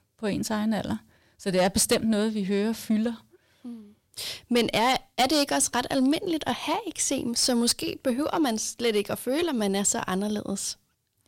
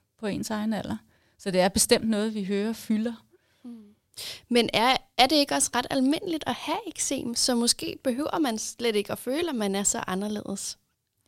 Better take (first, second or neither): second